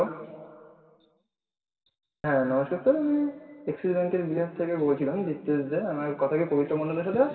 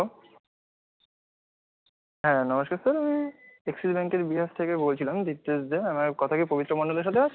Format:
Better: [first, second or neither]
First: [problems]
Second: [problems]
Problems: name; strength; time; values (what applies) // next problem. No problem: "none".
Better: second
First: room echo; dies away in 1.8 s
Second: none